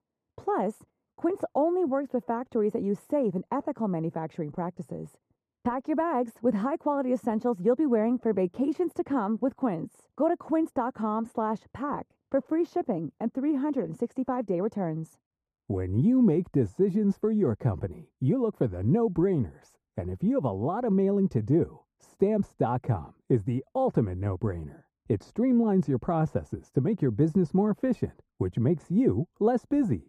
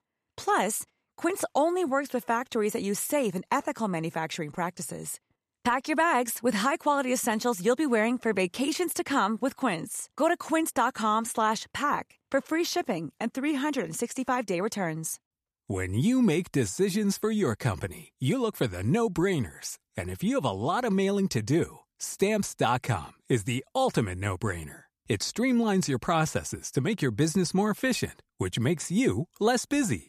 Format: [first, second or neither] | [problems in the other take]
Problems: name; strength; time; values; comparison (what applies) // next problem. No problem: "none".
second | muffled; very; fading above 1.5 kHz